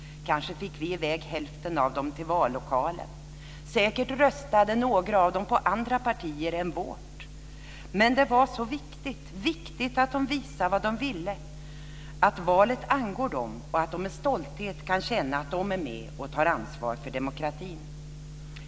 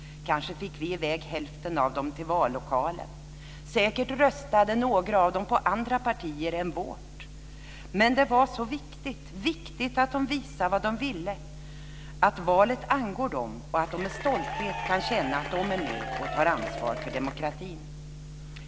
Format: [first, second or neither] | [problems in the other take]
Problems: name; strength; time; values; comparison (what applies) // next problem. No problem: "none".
first | background sound (Applause / Crowd / Cheering); 7 dB below the speech